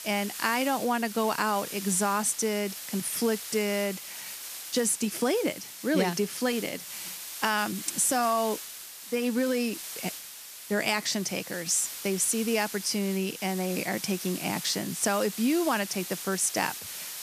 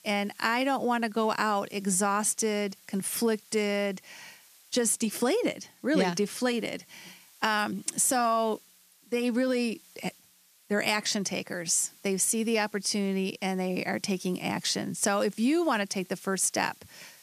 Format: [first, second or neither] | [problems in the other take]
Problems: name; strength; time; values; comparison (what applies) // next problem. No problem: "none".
second | hiss; loud; throughout; 9 dB below the speech; faint in the second